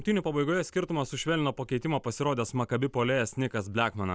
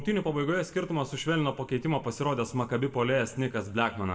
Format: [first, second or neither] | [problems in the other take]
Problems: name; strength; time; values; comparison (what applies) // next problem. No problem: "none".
first | room echo; dies away in 0.6 s